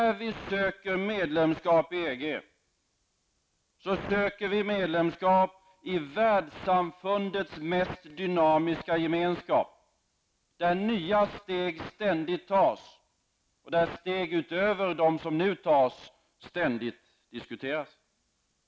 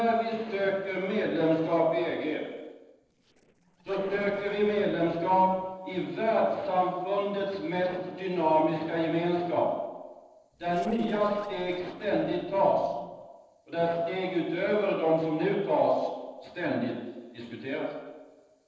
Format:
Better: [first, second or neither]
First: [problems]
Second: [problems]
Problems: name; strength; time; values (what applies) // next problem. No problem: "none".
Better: first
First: none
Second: noise reduction (neural separator model SepFormer DNS4)